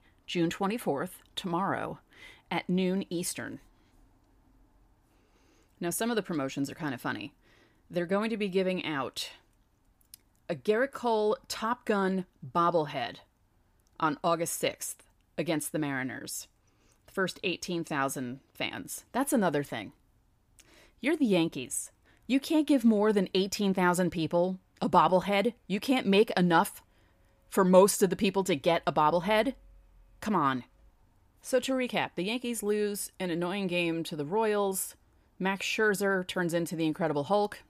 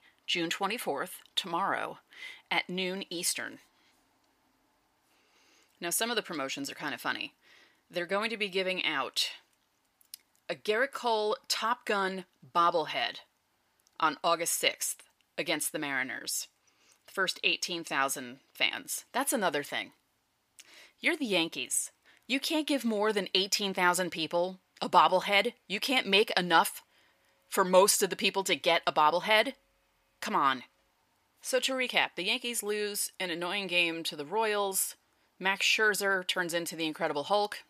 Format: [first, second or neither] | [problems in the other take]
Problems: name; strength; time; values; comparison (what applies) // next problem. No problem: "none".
first | thin; somewhat; fading below 850 Hz